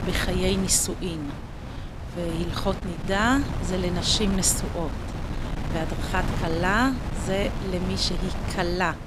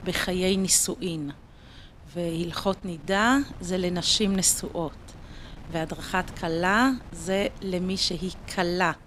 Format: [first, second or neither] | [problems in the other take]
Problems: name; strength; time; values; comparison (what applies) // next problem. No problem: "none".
second | wind noise on the microphone; heavy; 10 dB below the speech; occasional gusts in the second